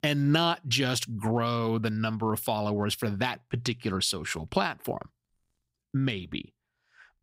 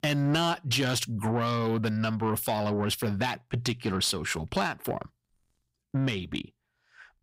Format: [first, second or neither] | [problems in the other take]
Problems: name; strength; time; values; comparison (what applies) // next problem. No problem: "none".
first | distortion; slight; 10 dB below the speech